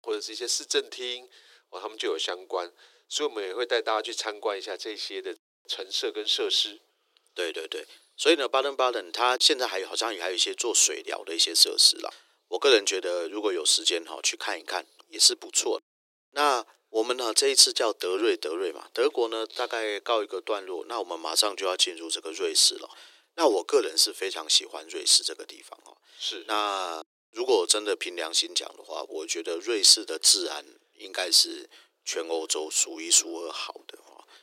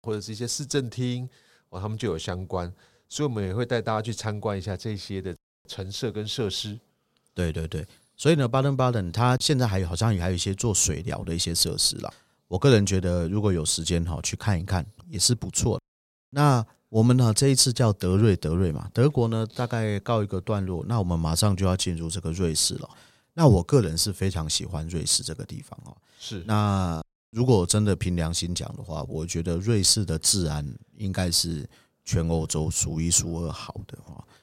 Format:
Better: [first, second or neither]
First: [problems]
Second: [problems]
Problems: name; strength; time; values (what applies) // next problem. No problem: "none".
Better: second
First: thin; very; fading below 300 Hz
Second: none